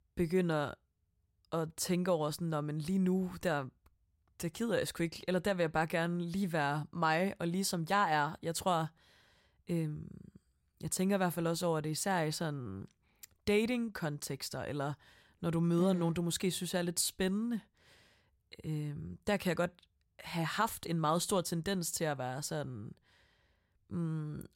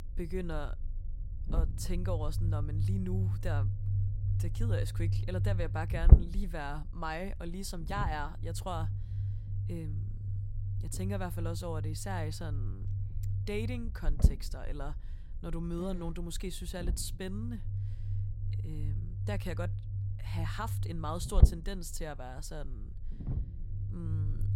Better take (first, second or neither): first